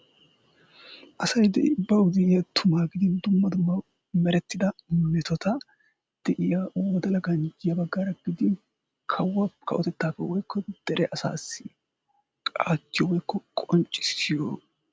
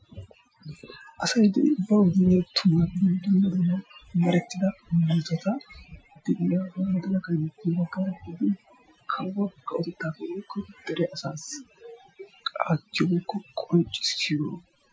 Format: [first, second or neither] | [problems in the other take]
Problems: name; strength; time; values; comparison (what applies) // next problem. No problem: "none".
first | noise reduction (classical method Wiener filter)